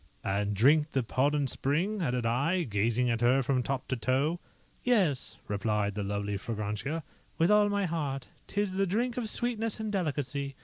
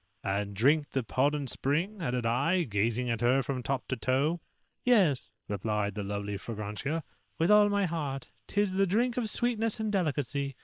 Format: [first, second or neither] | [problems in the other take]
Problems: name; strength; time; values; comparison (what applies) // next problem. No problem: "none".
first | noise reduction (neural separator model SepFormer WHAM!)